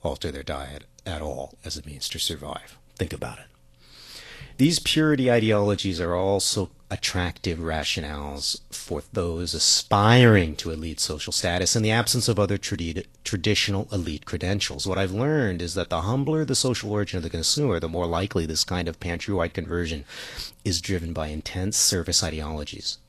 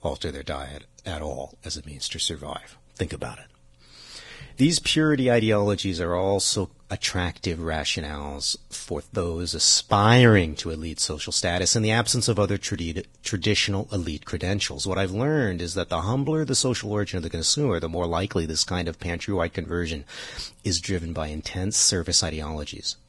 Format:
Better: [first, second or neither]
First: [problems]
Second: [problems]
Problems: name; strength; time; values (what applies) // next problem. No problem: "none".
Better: first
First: garbled, watery; slightly; nothing above 12 kHz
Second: garbled, watery; badly; nothing above 10.5 kHz